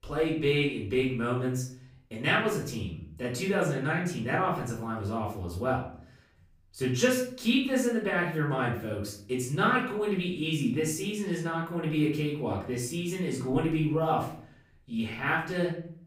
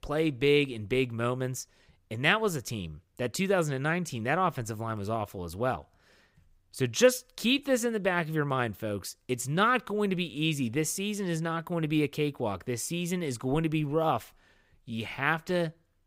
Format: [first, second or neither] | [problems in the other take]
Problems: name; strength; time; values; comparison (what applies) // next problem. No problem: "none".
second | off-mic speech; far // room echo; noticeable; dies away in 0.5 s